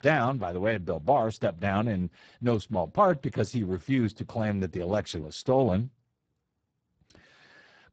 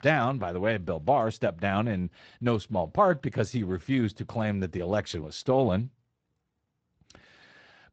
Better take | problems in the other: second | garbled, watery; badly; nothing above 8 kHz; slightly in the second

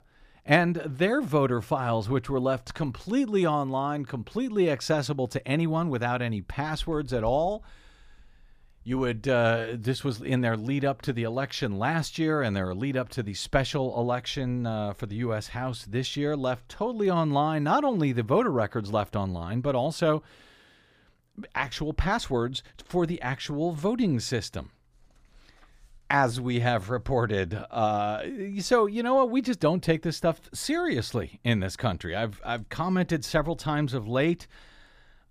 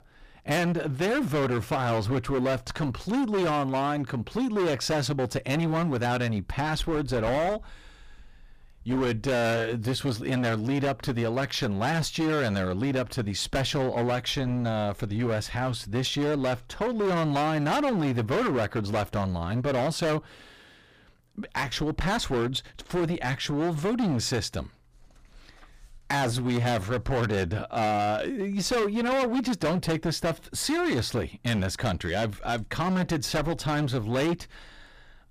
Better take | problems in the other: first | distortion; heavy; 21% of the sound clipped

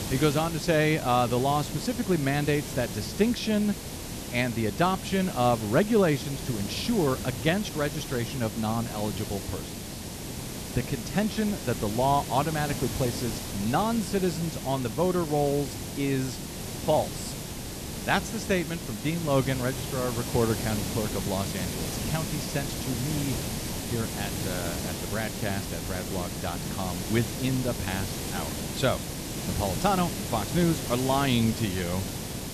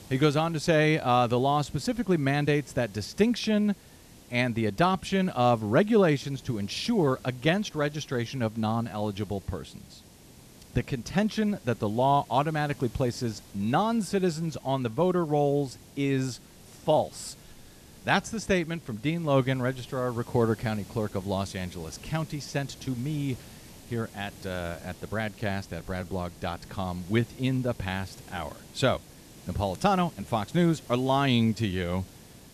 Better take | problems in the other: second | hiss; loud; throughout; 5 dB below the speech; faint in the second

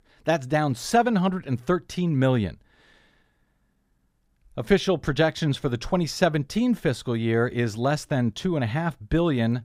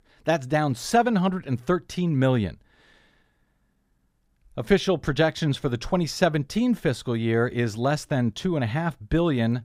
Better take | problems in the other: neither | none

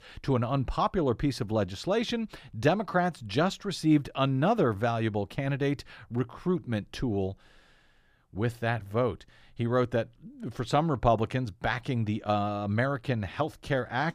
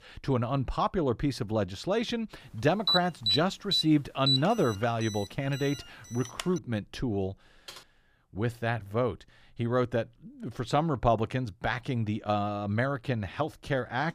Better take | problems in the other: first | alarm; loud; from 3 to 6.5 s; peak 3 dB above the speech // keyboard typing; faint; at 7.5 s; peak 15 dB below the speech

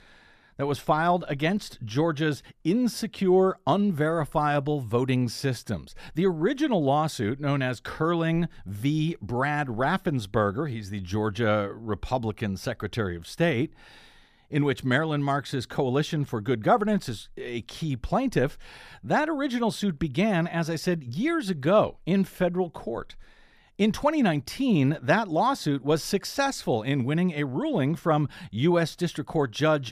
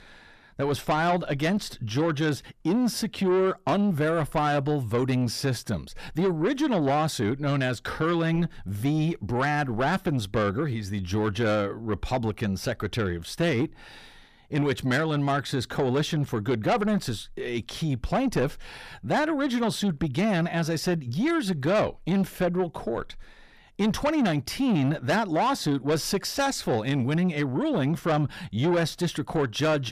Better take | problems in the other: first | distortion; slight; 10 dB below the speech

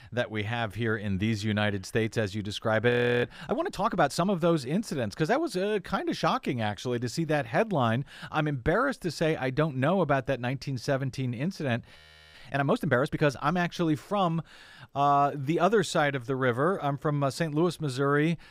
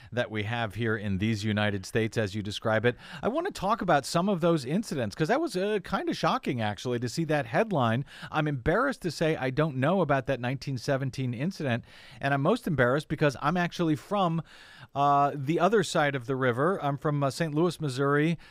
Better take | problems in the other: second | audio freezing; at 3 s and at 12 s

